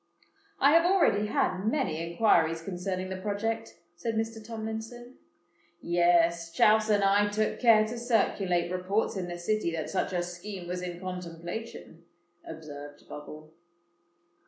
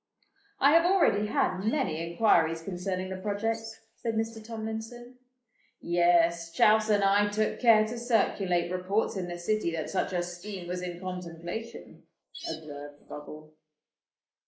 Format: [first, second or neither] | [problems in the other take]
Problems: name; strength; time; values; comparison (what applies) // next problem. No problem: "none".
first | noise reduction (neural mask model Resemble Enhance denoiser)